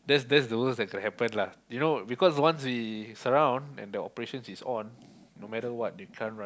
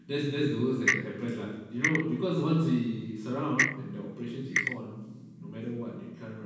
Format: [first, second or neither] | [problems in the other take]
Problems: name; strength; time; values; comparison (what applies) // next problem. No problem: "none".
first | background sound (Clock); 2 dB below the speech // room echo; dies away in 1.2 s